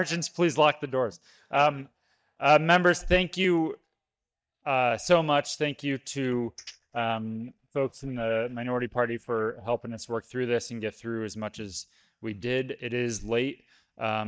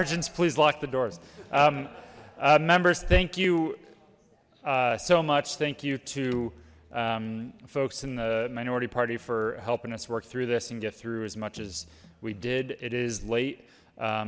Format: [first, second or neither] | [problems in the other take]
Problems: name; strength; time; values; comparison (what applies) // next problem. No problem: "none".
second | noise reduction (neural mask model DeepFilterNet 3)